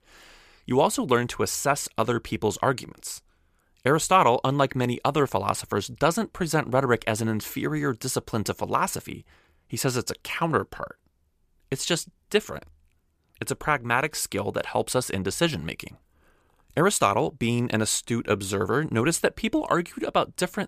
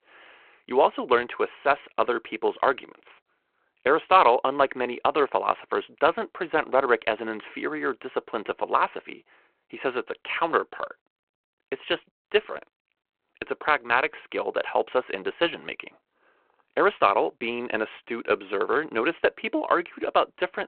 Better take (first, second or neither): first